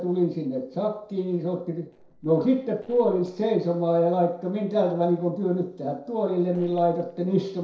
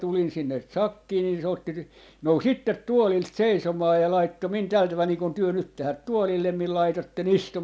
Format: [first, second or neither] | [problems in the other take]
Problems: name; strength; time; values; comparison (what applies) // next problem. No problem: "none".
second | noise reduction (neural separator model SepFormer DNS4)